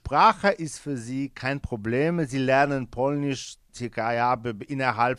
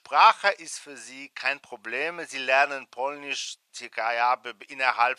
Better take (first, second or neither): first